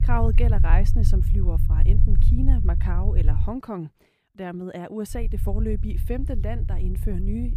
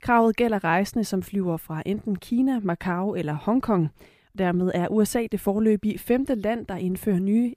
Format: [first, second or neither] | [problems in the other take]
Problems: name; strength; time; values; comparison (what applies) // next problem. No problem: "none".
second | low rumble; loud; until 3.5 s and from 5 s on; 7 dB below the speech